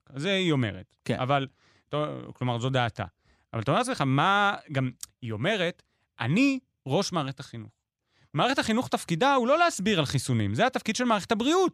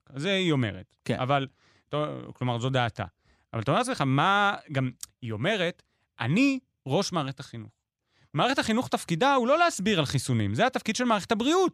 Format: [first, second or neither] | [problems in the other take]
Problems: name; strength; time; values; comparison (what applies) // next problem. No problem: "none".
neither | none